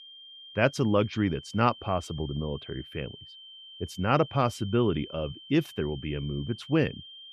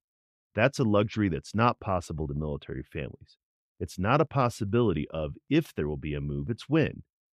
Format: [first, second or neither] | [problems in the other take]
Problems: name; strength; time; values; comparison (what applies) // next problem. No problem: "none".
second | high-pitched whine; noticeable; throughout; 3 kHz, 15 dB below the speech